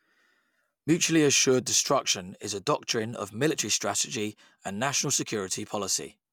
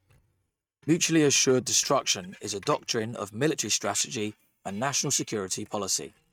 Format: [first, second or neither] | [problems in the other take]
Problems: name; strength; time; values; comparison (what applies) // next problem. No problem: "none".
first | noise reduction (neural mask model RNNoise)